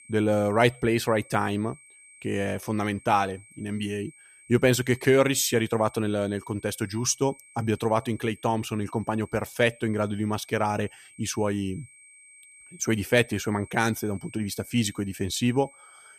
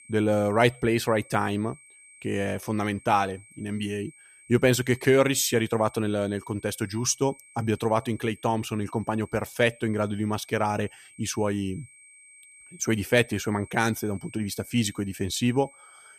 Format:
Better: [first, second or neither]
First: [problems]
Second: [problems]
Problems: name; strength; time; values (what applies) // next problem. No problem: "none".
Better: neither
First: high-pitched whine; faint; throughout; 2.5 kHz, 25 dB below the speech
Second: high-pitched whine; faint; throughout; 2.5 kHz, 25 dB below the speech